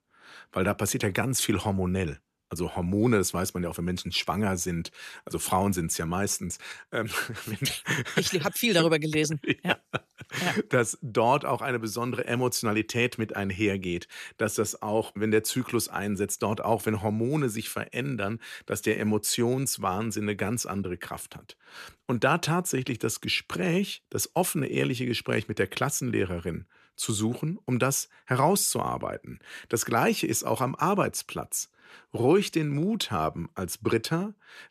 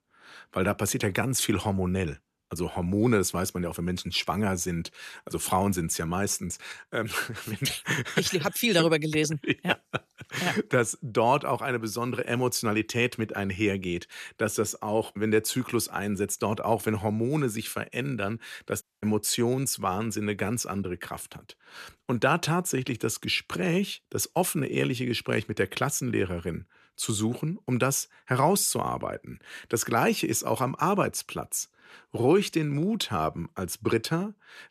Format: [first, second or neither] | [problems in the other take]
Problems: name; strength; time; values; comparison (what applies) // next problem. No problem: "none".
first | audio cutting out; at 19 s